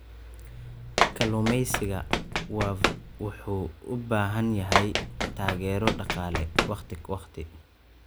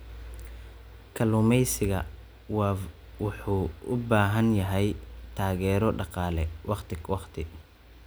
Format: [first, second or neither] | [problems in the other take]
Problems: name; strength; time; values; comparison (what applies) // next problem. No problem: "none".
second | background sound (Run); as loud as the speech